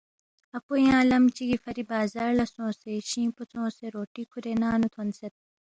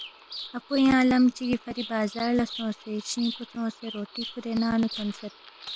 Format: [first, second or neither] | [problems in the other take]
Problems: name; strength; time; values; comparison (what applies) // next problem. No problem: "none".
first | background sound (Bird vocalization, bird call, bird song); 15 dB below the speech